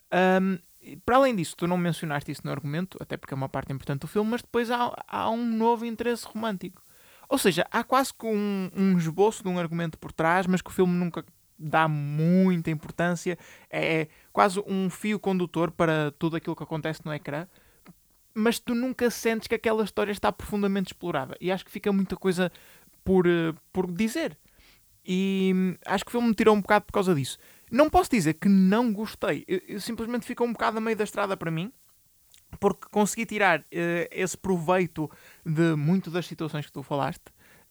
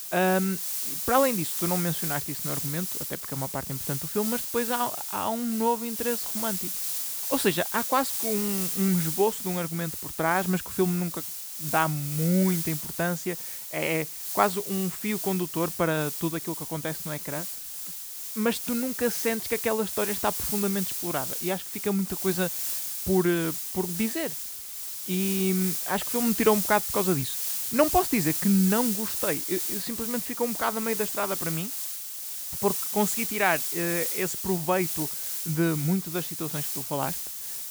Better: first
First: hiss; faint; throughout; 30 dB below the speech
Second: hiss; loud; throughout; 2 dB below the speech

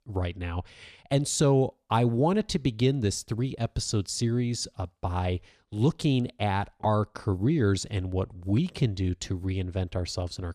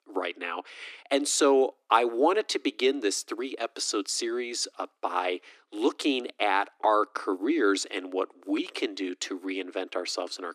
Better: first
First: none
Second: thin; somewhat; fading below 300 Hz

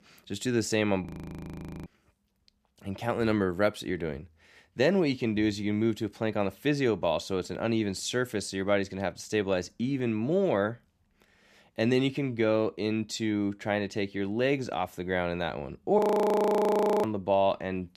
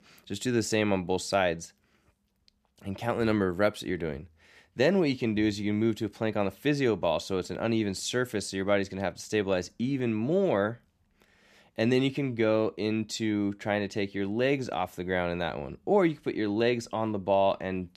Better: second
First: audio freezing; at 1 s for 1 s and at 16 s for 1 s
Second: none

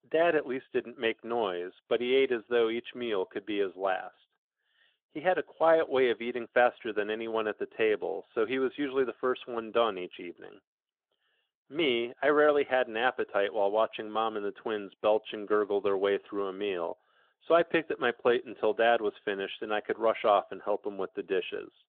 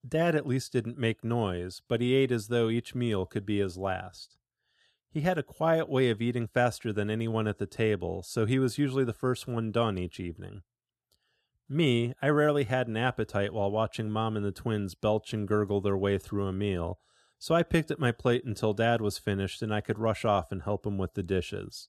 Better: second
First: phone-call audio; nothing above 3.5 kHz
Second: none

